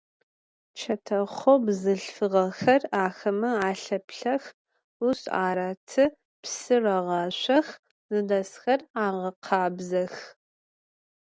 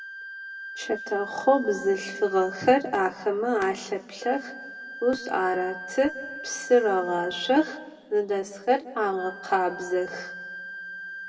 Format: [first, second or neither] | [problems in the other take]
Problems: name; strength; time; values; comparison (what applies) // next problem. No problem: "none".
first | background sound (Wind instrument, woodwind instrument); 13 dB below the speech // room echo; dies away in 1.3 s